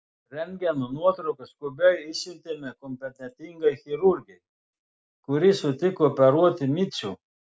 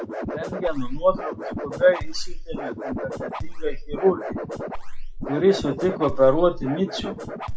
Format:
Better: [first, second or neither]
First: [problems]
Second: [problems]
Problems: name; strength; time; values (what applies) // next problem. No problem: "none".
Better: first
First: none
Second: noise reduction (classical method WPE with log-MMSE)